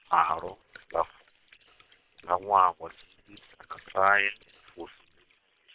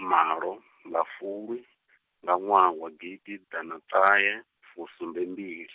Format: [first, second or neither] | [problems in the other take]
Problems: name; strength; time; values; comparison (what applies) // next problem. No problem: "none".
second | noise reduction (neural separator model SepFormer WHAM!)